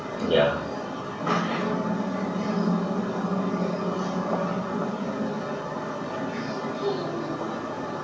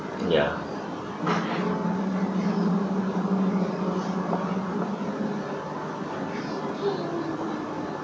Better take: second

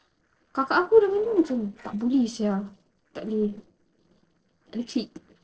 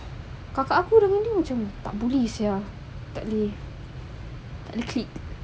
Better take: second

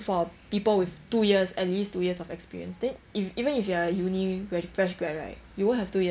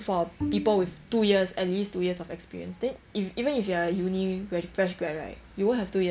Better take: first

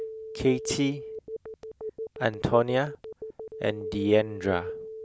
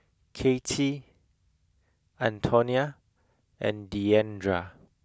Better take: second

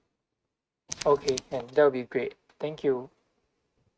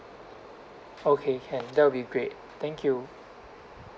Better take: second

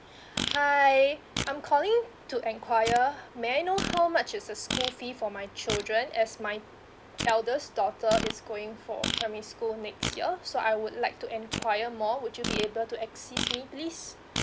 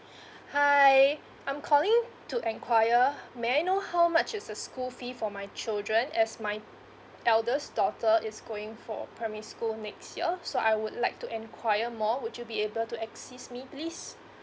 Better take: second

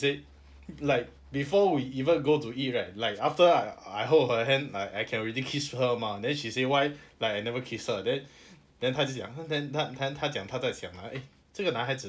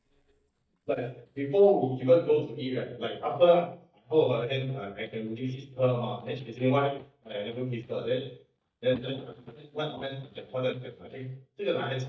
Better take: first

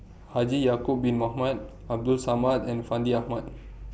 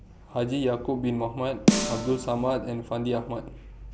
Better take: first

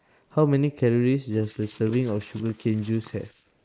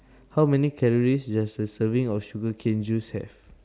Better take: second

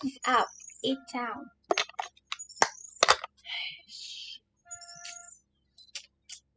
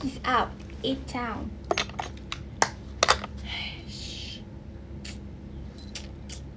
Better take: second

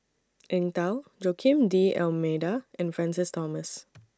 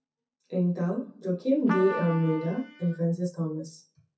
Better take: first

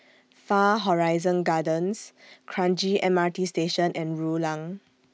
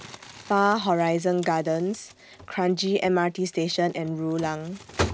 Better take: first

